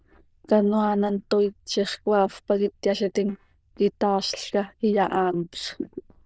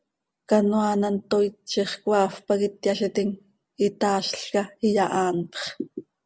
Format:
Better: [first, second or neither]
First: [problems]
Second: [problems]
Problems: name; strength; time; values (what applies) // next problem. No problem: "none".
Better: second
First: noise reduction (neural diffusion model UNIVERSE++)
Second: none